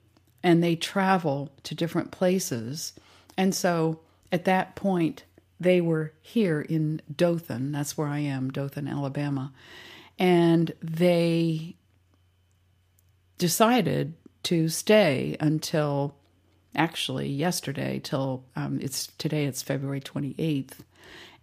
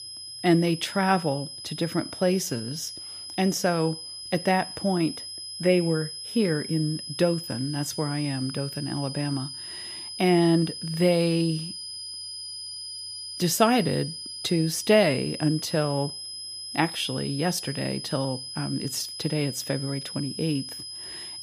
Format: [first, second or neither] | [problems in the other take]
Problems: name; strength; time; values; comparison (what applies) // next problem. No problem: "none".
first | high-pitched whine; loud; throughout; 5 kHz, 8 dB below the speech